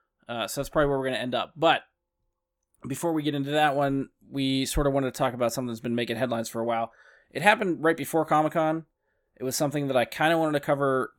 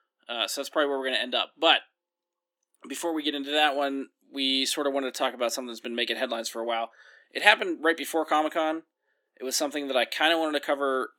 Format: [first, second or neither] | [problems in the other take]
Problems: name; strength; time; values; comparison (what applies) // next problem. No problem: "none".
first | thin; very slightly; fading below 250 Hz